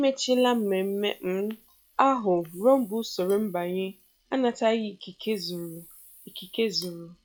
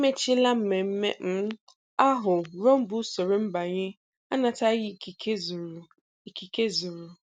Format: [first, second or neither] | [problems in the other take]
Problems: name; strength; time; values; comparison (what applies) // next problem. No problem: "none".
second | noise reduction (classical method log-MMSE)